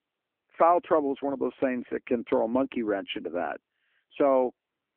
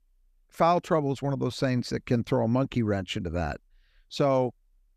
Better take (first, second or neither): second